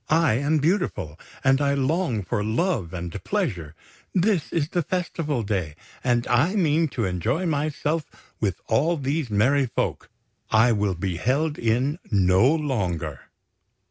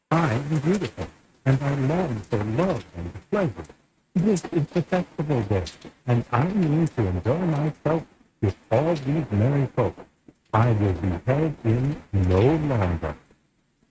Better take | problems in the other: first | noise reduction (neural mask model RNNoise)

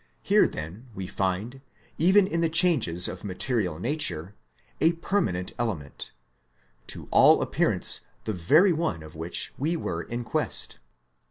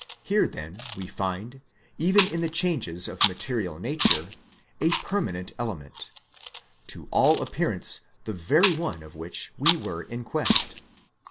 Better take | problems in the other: first | background sound (Chewing, mastication); 5 dB below the speech

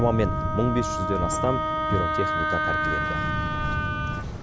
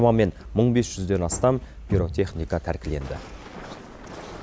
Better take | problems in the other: second | background sound (Wind instrument, woodwind instrument + Thunder); 3 dB above the speech

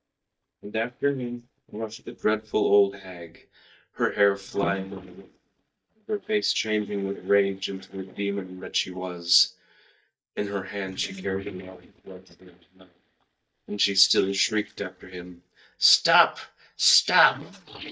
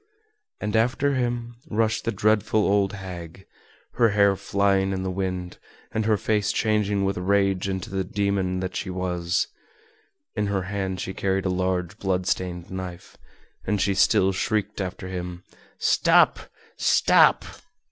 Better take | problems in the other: second | noise reduction (neural mask model DeepFilterNet 3)

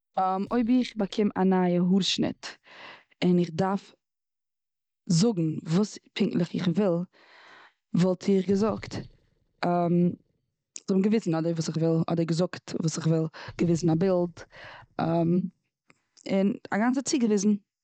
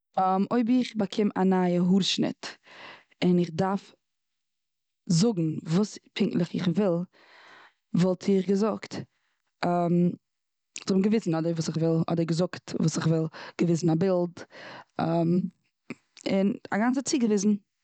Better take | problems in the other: second | noise reduction (neural mask model DeepFilterNet 3)

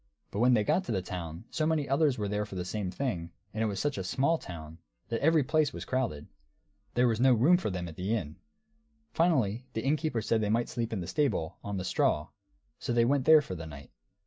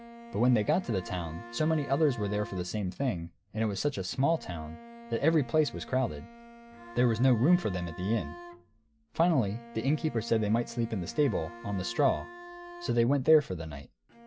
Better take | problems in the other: first | background sound (Bowed string instrument + Bowed string instrument); 17 dB below the speech

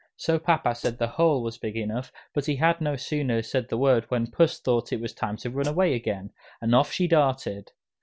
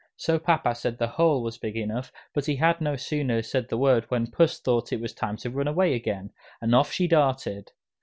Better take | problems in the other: second | background sound (Hi-hat); 18 dB below the speech

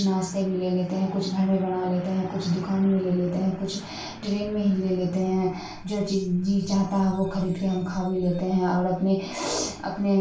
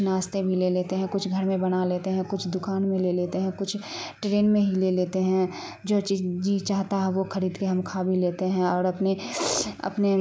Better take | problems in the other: second | background sound (Truck); 19 dB below the speech // room echo; dies away in 0.3 s

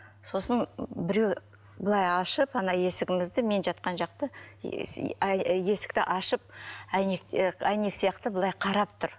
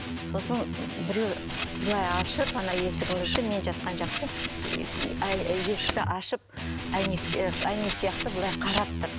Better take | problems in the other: first | background sound (Electric guitar + Camera); 1 dB below the speech

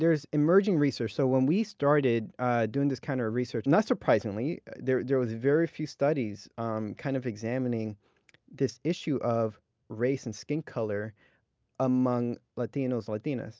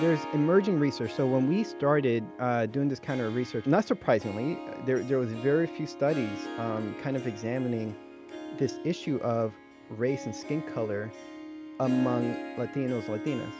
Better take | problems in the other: first | background sound (Harp); 11 dB below the speech

